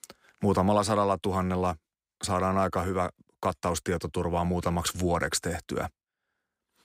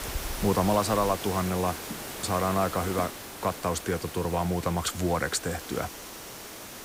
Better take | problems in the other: first | hiss; loud; throughout; 8 dB below the speech

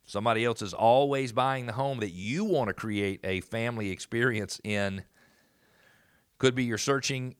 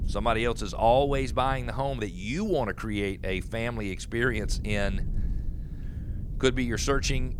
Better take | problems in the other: first | low rumble; faint; throughout; 25 dB below the speech

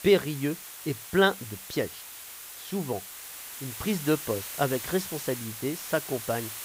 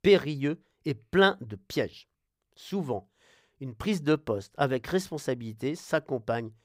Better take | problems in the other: second | hiss; loud; throughout; 8 dB below the speech

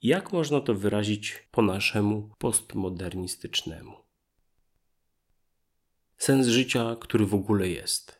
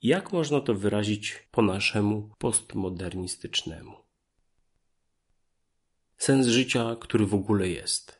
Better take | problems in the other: first | garbled, watery; slightly; nothing above 10.5 kHz

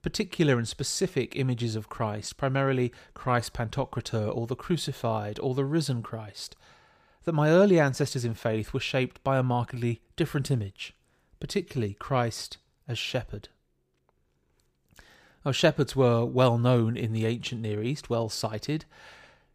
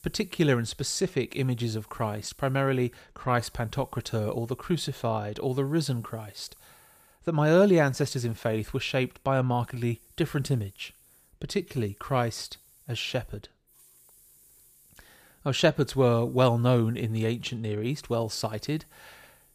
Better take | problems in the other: first | hiss; faint; throughout; 30 dB below the speech

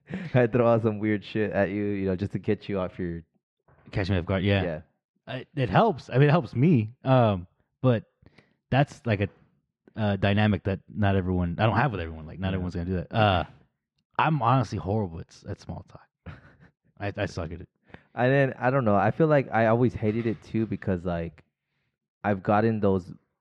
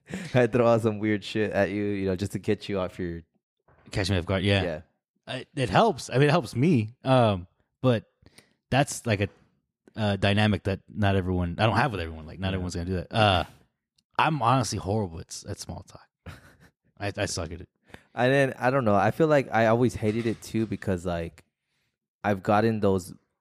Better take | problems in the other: second | muffled; slightly; fading above 3 kHz

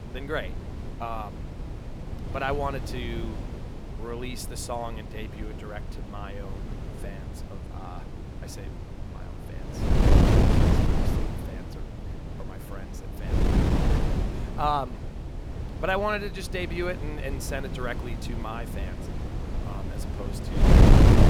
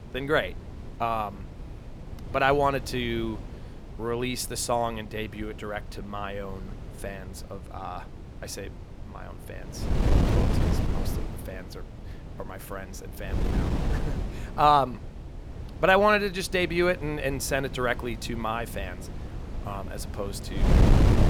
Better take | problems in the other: second | wind noise on the microphone; heavy; 2 dB below the speech; occasional gusts in the second

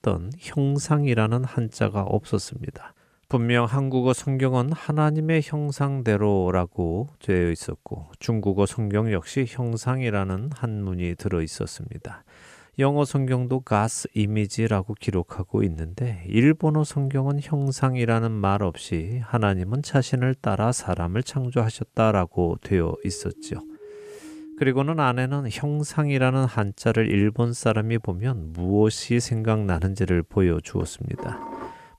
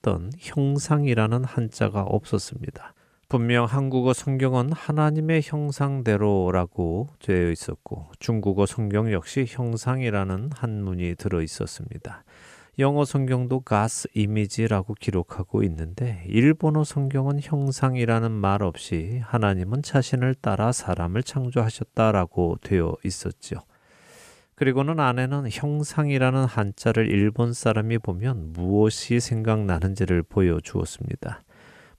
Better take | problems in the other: second | siren; faint; from 23 to 25 s; peak 15 dB below the speech // clattering dishes; faint; from 31 s on; peak 10 dB below the speech

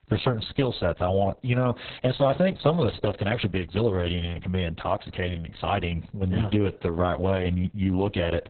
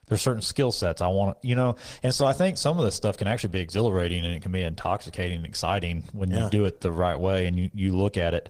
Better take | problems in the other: second | garbled, watery; badly; nothing above 4 kHz; slightly in the second

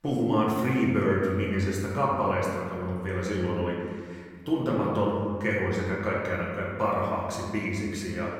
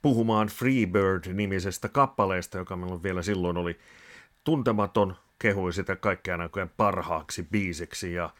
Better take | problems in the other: second | room echo; noticeable; dies away in 1.7 s // off-mic speech; far

